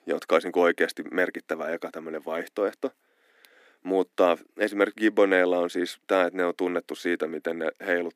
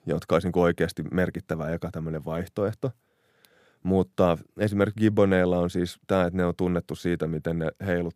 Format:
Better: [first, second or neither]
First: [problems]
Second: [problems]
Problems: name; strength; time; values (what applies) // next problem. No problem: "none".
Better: second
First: thin; somewhat; fading below 250 Hz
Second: none